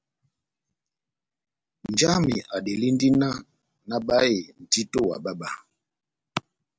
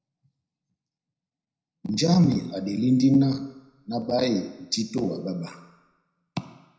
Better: first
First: none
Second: room echo; dies away in 0.8 s

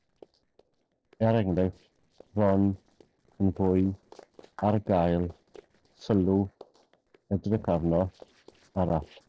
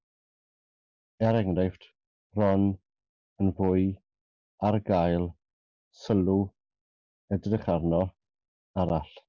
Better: second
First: noise reduction (neural separator model SepFormer DNS4)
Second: none

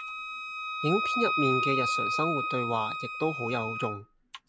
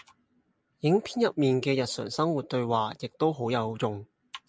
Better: second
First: background sound (Wind instrument, woodwind instrument); as loud as the speech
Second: none

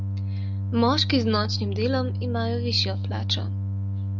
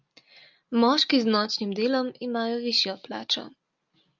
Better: second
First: background sound (Organ); as loud as the speech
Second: none

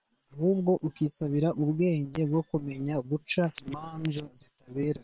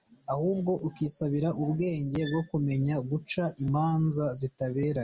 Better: second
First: noise reduction (neural separator model SepFormer WHAM!)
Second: none

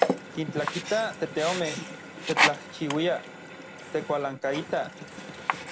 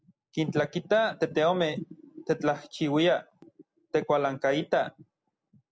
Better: second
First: background sound (Sink (filling or washing)); 1 dB below the speech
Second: none

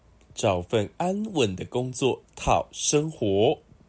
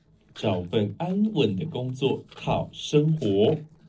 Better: first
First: none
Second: noise reduction (neural separator model SepFormer DNS4)

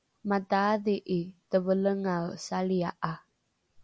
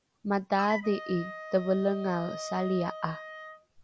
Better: first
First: none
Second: background sound (Wind instrument, woodwind instrument); 11 dB below the speech

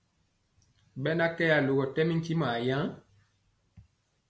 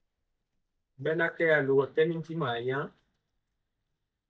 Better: first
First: none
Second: noise reduction (neural mask model DeepFilterNet 3)

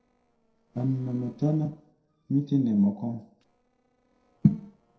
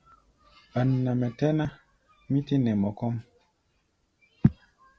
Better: second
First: noise reduction (neural separator model SepFormer DNS4)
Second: none

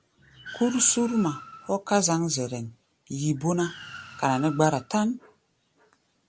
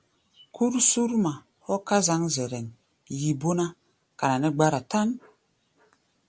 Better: second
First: background sound (Car); 18 dB below the speech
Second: none

